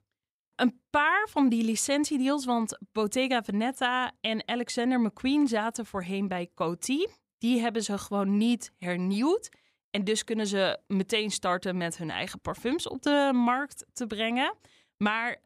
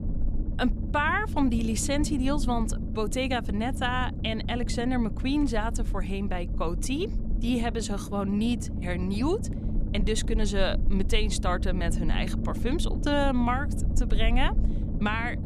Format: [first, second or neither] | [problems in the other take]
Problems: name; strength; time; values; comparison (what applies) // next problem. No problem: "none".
first | low rumble; noticeable; throughout; 15 dB below the speech